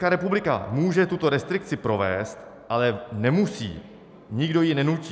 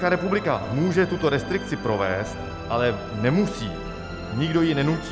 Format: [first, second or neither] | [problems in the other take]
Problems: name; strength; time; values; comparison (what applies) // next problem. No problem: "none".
first | background sound (Musical instrument); 9 dB below the speech